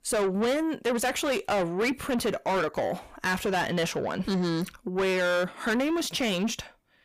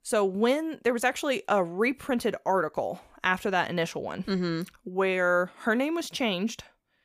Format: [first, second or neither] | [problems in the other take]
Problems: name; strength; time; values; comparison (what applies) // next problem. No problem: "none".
second | distortion; heavy; 7 dB below the speech